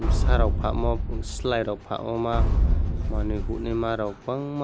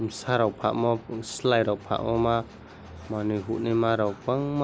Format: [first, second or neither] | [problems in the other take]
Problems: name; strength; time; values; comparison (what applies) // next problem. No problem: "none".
second | background sound (Boom); 4 dB above the speech